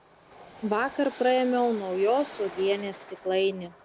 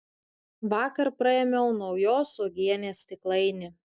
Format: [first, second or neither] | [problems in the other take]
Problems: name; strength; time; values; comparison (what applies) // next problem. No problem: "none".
second | background sound (Train); 18 dB below the speech